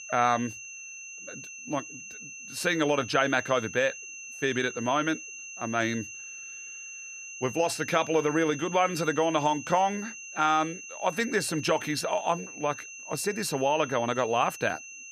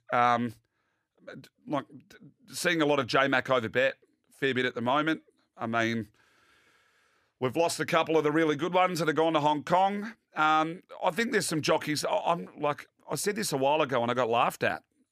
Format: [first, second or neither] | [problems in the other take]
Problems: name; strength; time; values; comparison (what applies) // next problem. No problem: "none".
second | high-pitched whine; noticeable; throughout; 2.5 kHz, 10 dB below the speech